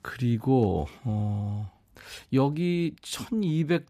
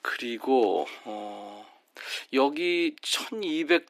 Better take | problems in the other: first | thin; very; fading below 300 Hz

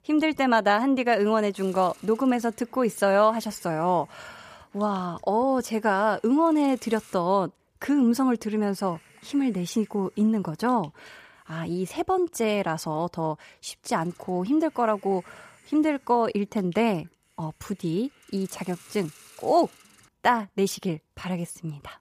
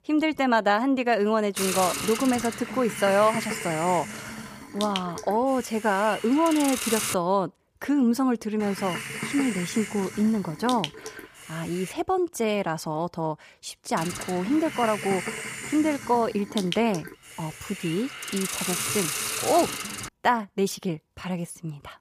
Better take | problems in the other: first | hiss; loud; from 1.5 to 7 s, from 8.5 to 12 s and from 14 to 20 s; 6 dB below the speech; faint in the first

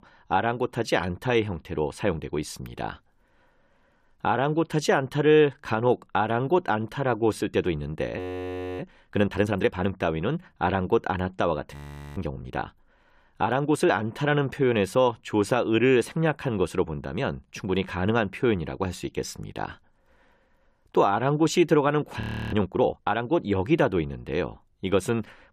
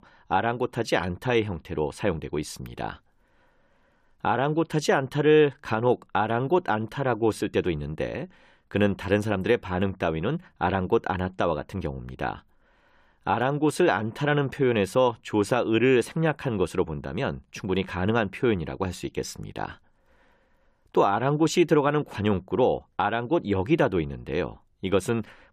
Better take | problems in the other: second | audio freezing; at 8 s for 0.5 s, at 12 s and at 22 s

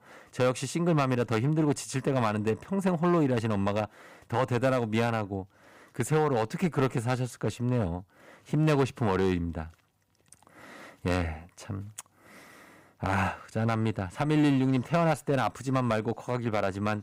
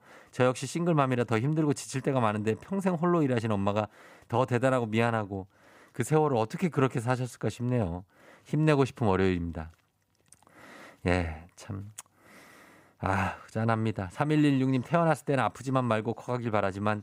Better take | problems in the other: second | distortion; slight; 3% of the sound clipped

